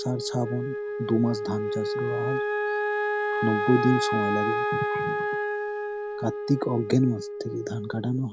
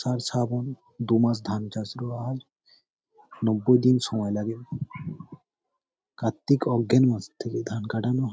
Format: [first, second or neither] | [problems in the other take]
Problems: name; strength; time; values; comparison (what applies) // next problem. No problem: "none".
second | background sound (Wind instrument, woodwind instrument); 1 dB below the speech